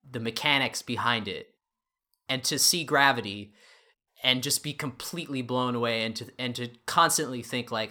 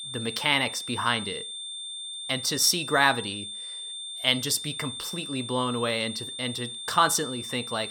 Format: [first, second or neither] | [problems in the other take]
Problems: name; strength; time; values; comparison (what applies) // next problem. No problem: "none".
first | high-pitched whine; loud; throughout; 3.5 kHz, 8 dB below the speech